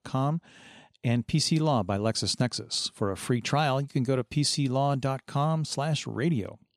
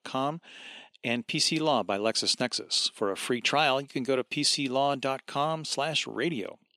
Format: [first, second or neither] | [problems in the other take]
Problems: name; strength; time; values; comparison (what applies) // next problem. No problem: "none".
first | thin; somewhat; fading below 350 Hz